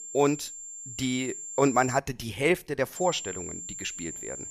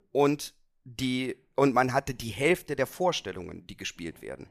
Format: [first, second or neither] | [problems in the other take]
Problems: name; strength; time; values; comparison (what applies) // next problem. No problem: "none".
second | high-pitched whine; loud; until 2 s and from 3 s on; 7.5 kHz, 9 dB below the speech